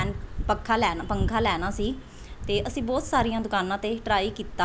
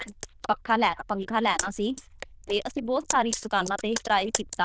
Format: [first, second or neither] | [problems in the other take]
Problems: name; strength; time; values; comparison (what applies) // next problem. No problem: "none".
first | noise reduction (neural diffusion model UNIVERSE++)